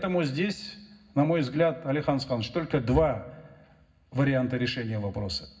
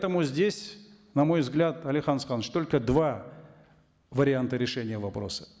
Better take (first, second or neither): second